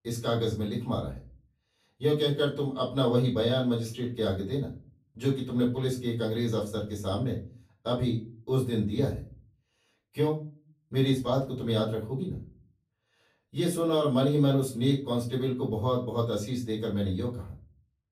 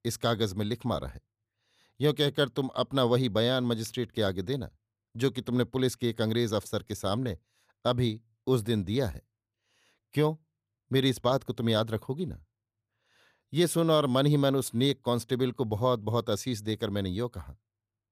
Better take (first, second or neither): second